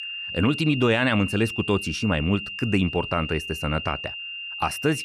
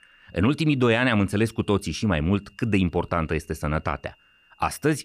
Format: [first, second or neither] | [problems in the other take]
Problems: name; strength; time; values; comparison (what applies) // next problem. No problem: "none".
second | high-pitched whine; loud; throughout; 3 kHz, 7 dB below the speech; faint in the second